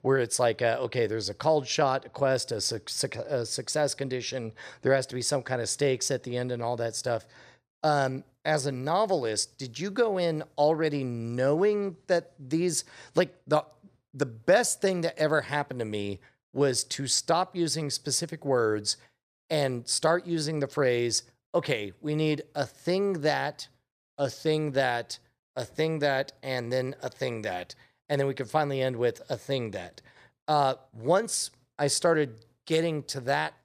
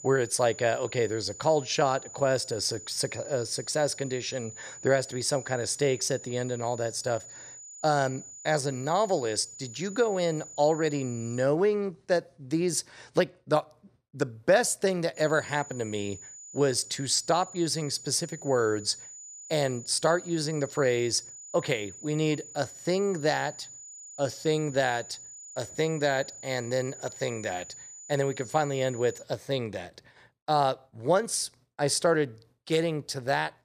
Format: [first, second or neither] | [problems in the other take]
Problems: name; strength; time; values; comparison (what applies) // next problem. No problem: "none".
first | high-pitched whine; noticeable; until 11 s and from 15 to 29 s; 7 kHz, 15 dB below the speech